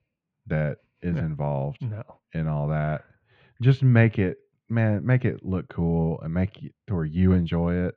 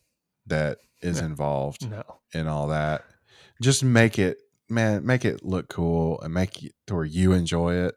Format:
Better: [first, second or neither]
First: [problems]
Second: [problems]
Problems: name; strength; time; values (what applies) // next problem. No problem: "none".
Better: second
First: muffled; very; fading above 2.5 kHz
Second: none